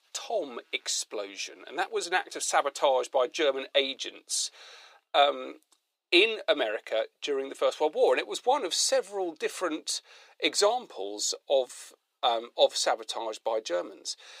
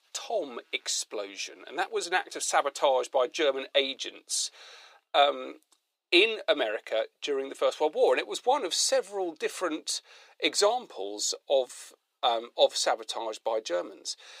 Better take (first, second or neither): neither